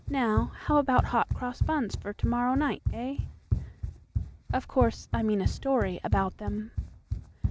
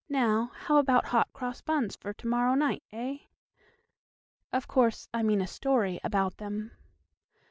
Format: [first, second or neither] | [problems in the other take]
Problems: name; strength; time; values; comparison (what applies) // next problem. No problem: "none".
second | background sound (Run); 3 dB below the speech